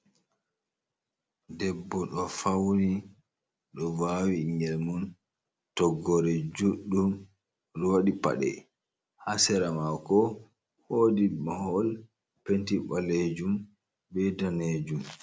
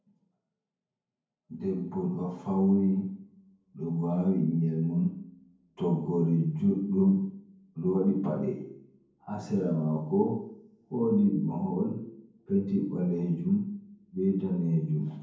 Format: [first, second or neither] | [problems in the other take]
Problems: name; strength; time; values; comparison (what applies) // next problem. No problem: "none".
first | room echo; dies away in 0.9 s